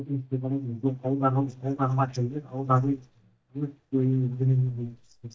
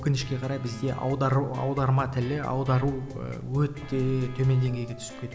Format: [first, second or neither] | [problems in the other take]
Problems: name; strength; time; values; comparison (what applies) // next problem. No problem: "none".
second | noise reduction (neural mask model DeepFilterNet 3)